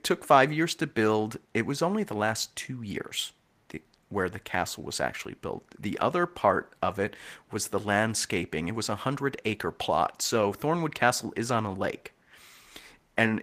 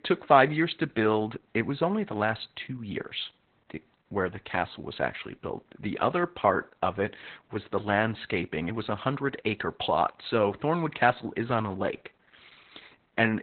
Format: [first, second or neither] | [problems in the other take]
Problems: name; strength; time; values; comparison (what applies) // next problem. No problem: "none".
first | garbled, watery; badly; nothing above 4 kHz; slightly in the first